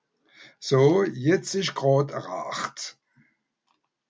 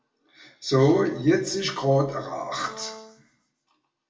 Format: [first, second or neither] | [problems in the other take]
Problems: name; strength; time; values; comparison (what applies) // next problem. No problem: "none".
first | background sound (Brass instrument); 19 dB below the speech // room echo; dies away in 0.7 s